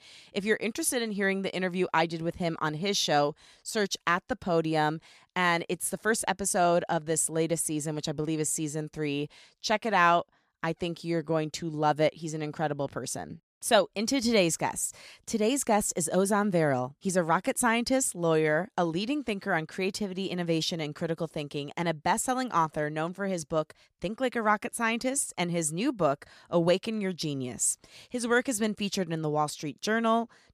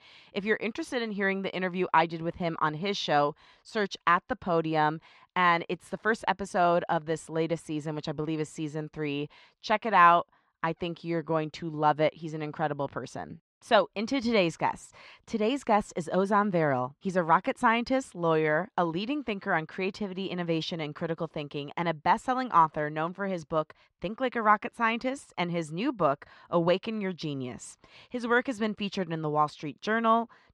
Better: first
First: none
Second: muffled; slightly; fading above 3 kHz

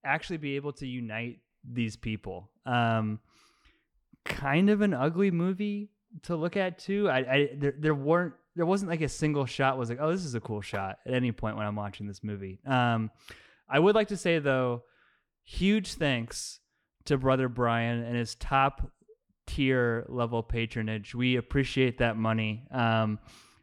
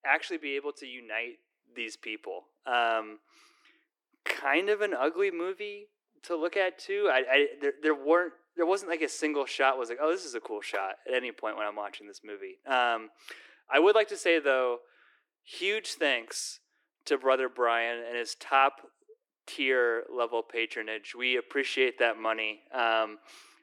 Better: first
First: none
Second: thin; very; fading below 300 Hz

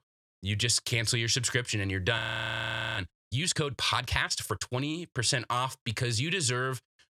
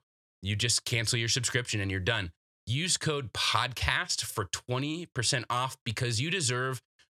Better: second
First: audio freezing; at 2 s for 1 s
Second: none

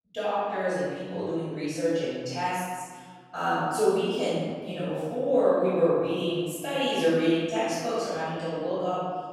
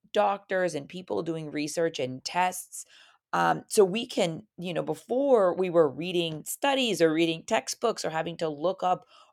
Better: second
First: room echo; strong; dies away in 1.6 s // off-mic speech; far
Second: none

